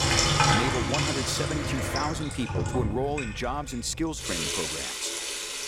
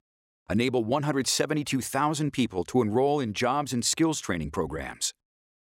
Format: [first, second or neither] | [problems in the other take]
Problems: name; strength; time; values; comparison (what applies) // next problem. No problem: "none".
second | household noises; very loud; throughout; 4 dB above the speech